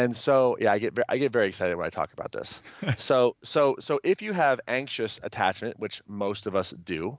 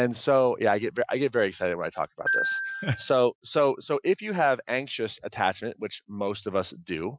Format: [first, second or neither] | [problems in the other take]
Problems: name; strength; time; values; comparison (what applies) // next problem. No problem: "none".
first | noise reduction (classical method Wiener filter)